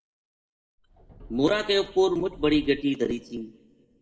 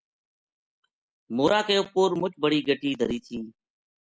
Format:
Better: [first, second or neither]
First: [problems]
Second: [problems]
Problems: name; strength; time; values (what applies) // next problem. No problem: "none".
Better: second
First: background sound (Subway, metro, underground); 18 dB below the speech // room echo; dies away in 1 s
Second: none